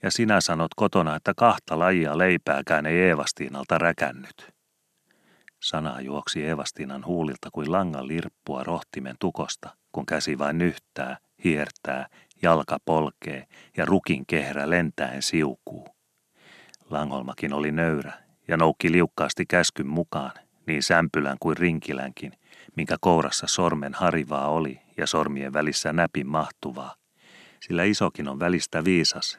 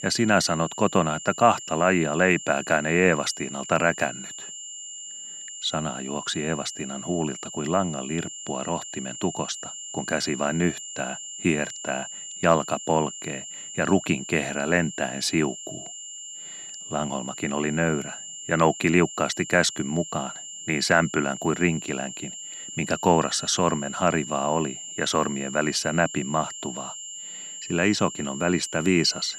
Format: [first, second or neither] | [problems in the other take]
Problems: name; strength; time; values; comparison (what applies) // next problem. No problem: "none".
first | high-pitched whine; noticeable; throughout; 7.5 kHz, 10 dB below the speech